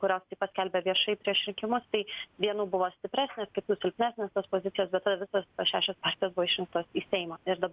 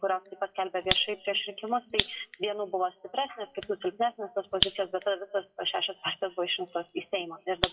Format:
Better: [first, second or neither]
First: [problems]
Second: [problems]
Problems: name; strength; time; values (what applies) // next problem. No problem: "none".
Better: first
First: none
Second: noise reduction (classical method WPE with log-MMSE)